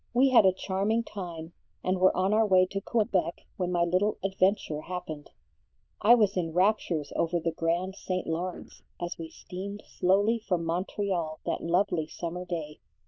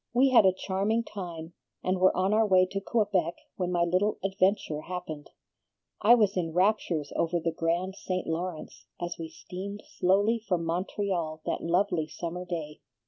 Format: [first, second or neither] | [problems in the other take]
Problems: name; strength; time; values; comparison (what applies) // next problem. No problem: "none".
second | noise reduction (neural diffusion model UNIVERSE++)